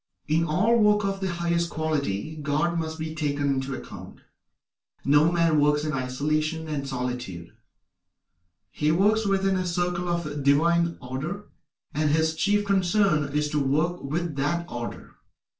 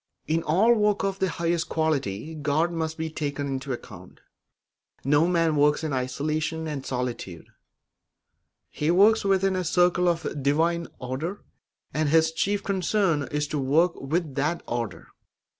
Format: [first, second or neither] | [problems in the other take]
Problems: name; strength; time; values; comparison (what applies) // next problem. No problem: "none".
second | room echo; dies away in 0.2 s